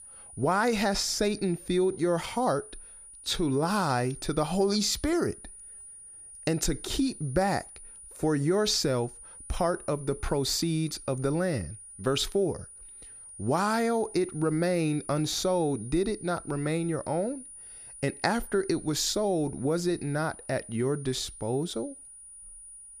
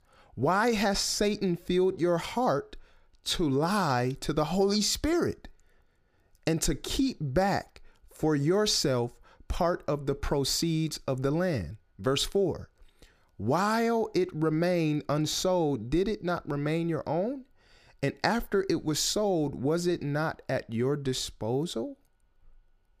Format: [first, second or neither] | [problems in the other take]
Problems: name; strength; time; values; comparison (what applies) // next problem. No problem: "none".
second | high-pitched whine; noticeable; throughout; 9.5 kHz, 15 dB below the speech